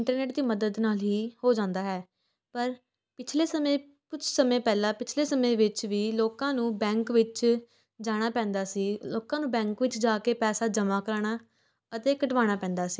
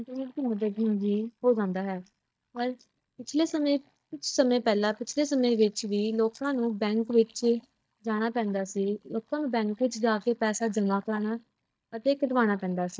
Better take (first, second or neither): first